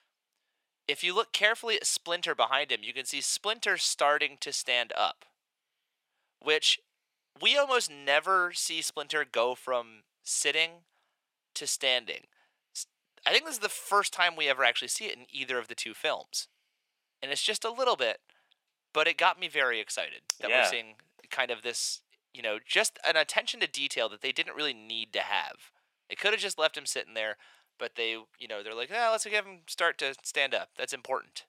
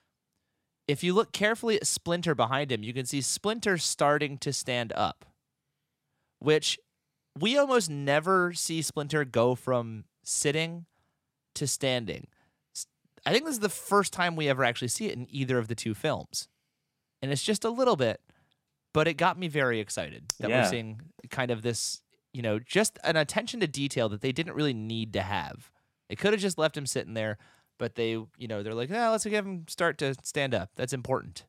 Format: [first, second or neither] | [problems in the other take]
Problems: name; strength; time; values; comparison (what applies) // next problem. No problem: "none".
second | thin; very; fading below 650 Hz